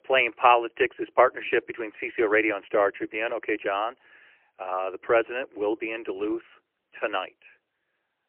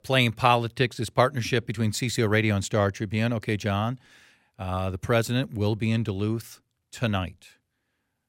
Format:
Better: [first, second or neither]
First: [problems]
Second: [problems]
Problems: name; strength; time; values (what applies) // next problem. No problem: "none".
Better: second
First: phone-call audio; poor line; nothing above 3 kHz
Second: none